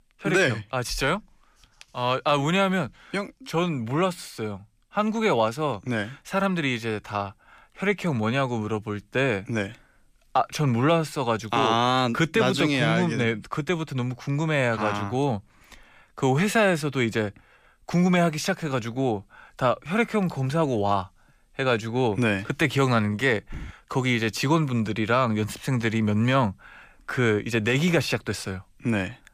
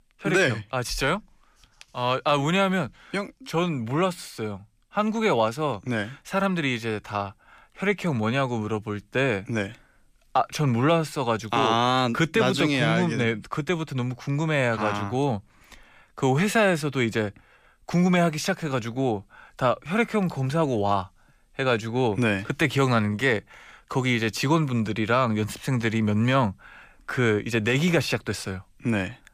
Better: second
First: footsteps; faint; at 23 s; peak 15 dB below the speech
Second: none

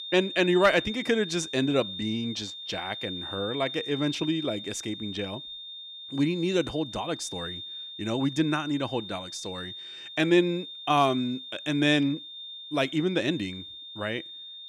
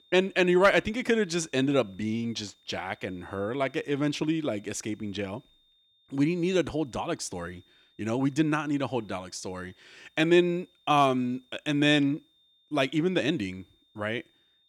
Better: second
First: high-pitched whine; loud; throughout; 3.5 kHz, 9 dB below the speech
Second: high-pitched whine; faint; throughout; 3.5 kHz, 35 dB below the speech

